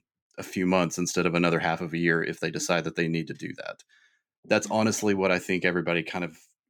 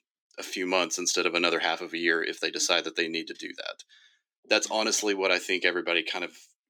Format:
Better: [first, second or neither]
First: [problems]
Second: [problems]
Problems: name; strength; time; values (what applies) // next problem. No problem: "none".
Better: first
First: none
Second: thin; somewhat; fading below 300 Hz